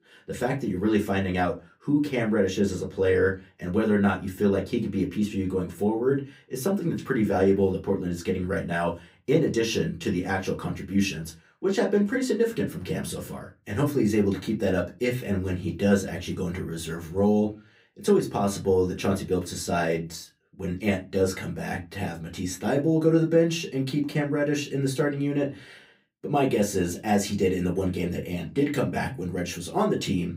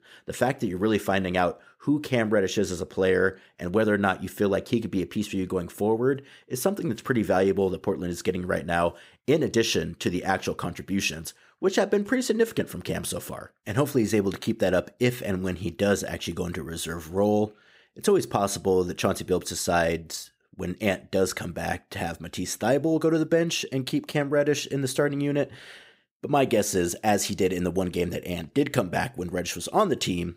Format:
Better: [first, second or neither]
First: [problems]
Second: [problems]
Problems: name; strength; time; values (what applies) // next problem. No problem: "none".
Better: second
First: off-mic speech; far // room echo; very slight; dies away in 0.2 s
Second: none